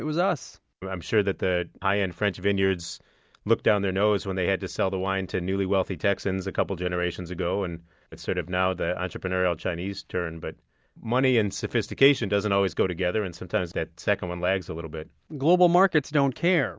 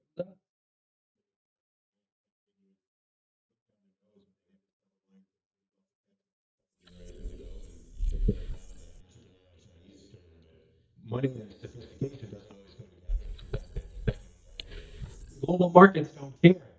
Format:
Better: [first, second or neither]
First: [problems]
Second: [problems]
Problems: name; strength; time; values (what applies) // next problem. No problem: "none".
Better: first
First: none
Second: noise reduction (neural mask model DeepFilterNet 3)